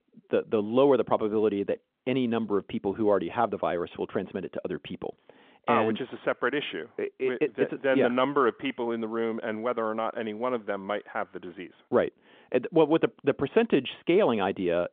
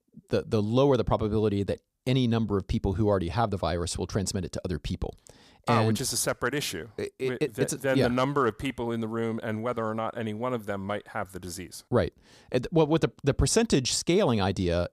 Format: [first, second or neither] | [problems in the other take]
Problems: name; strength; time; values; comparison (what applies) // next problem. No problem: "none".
second | phone-call audio